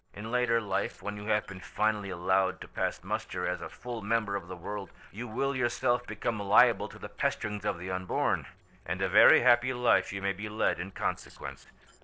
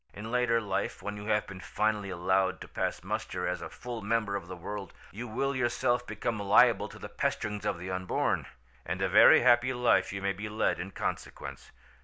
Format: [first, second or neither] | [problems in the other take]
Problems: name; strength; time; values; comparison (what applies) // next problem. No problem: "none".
second | noise reduction (neural separator model SepFormer DNS4)